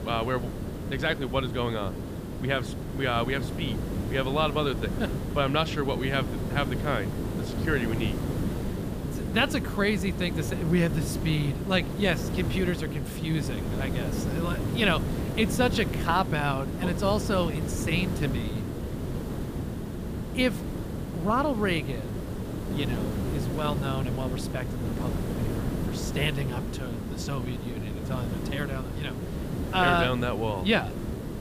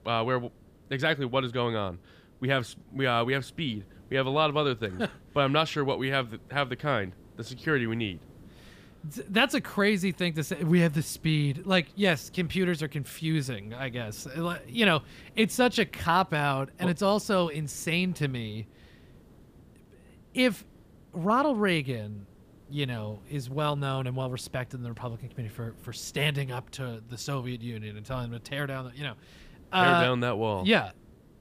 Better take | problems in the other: second | hiss; loud; throughout; 3 dB below the speech; faint in the second

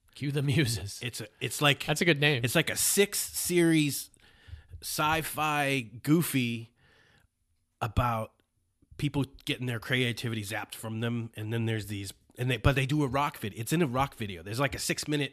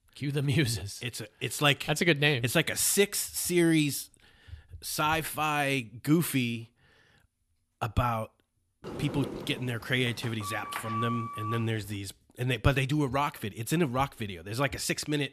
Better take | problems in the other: first | door banging; noticeable; from 9 to 12 s; peak 5 dB below the speech

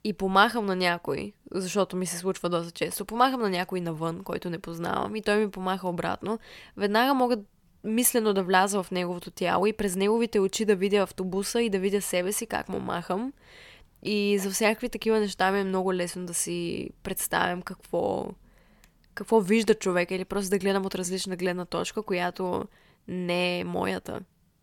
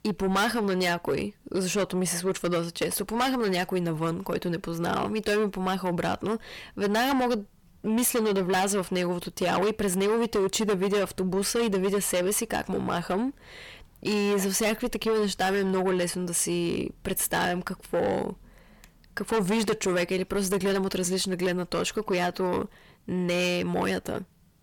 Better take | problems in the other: first | distortion; heavy; 6 dB below the speech

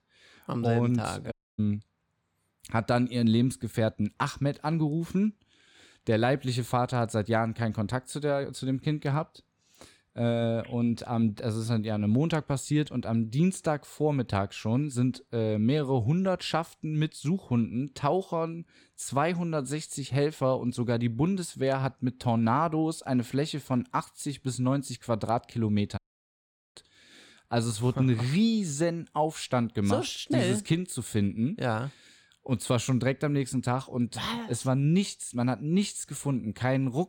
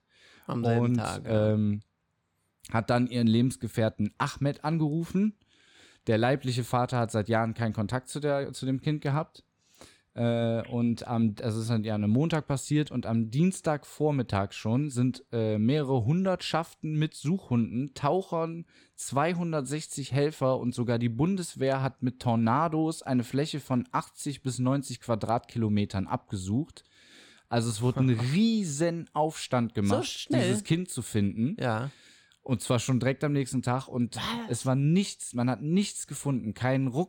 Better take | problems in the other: second | audio cutting out; at 1.5 s and at 26 s for 1 s

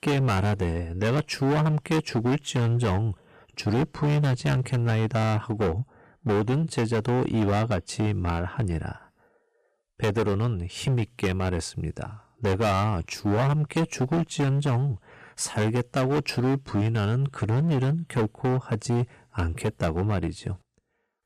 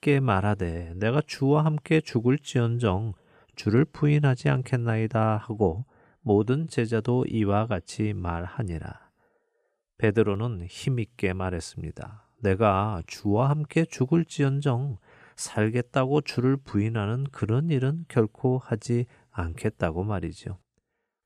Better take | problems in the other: second | distortion; heavy; 18% of the sound clipped

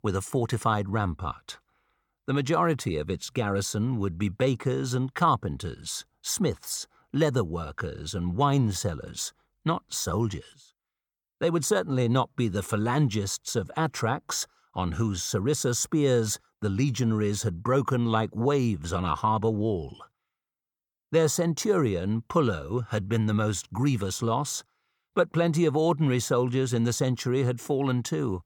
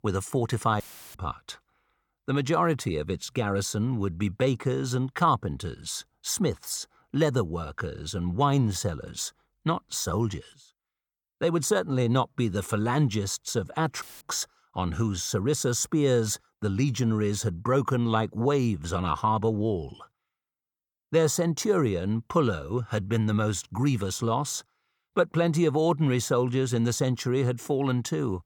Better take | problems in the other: first | audio cutting out; filled with static; at 1 s and at 14 s

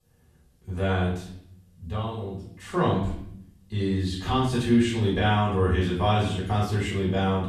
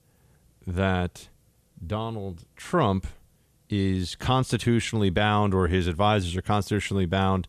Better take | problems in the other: second | off-mic speech; far // room echo; noticeable; dies away in 0.6 s

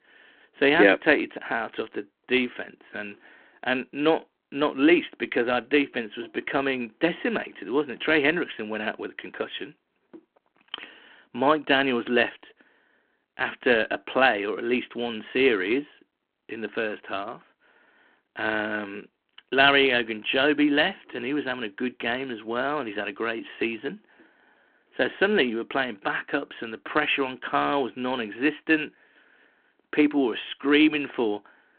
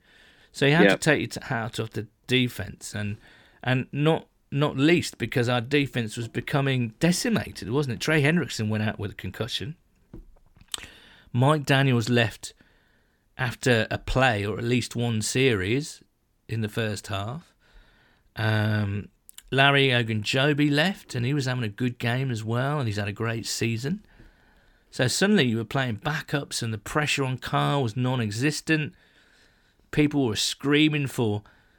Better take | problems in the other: second | phone-call audio

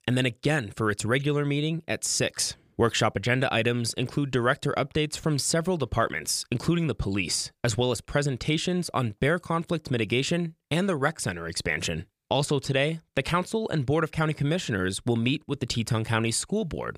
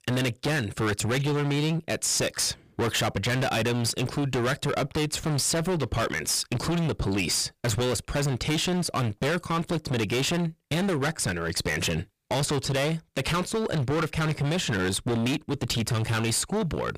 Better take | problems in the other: first | distortion; heavy; 28% of the sound clipped

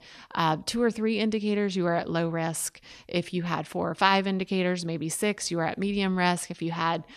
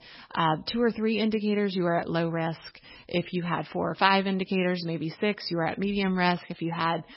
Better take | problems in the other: first | garbled, watery; badly; nothing above 5.5 kHz

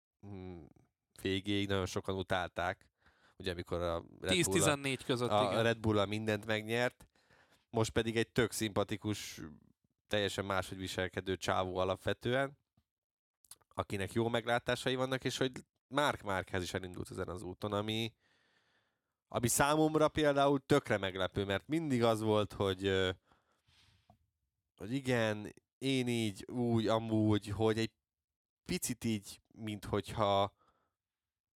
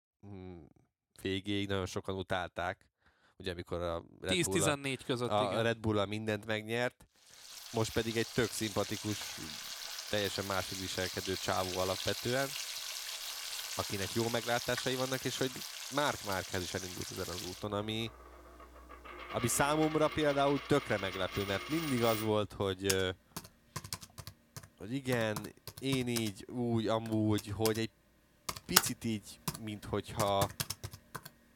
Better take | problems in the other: first | household noises; loud; from 7.5 s on; 5 dB below the speech

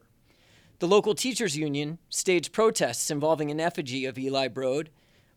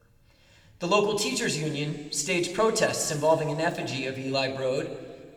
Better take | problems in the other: first | room echo; slight; dies away in 1.6 s

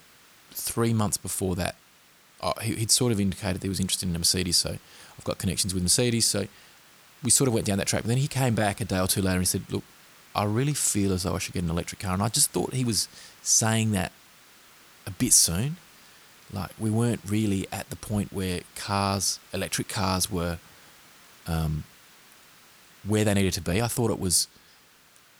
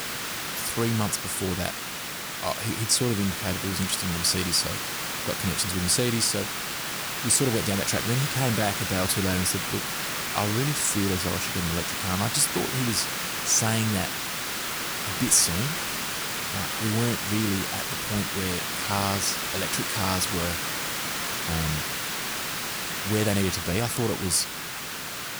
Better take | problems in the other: first | hiss; loud; throughout; 2 dB below the speech; faint in the first

